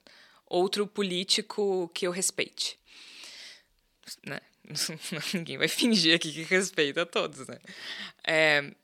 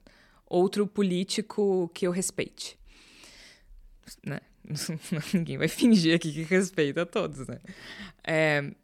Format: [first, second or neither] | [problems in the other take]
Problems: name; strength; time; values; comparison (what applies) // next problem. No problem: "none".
second | thin; very slightly; fading below 1 kHz